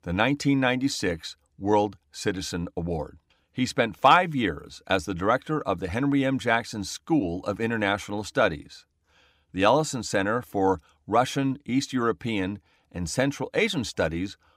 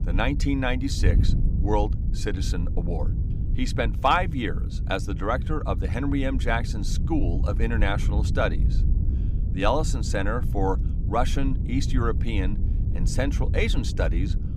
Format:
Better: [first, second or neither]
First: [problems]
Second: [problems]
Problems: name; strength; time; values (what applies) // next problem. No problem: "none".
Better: first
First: none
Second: wind noise on the microphone; occasional gusts; 15 dB below the speech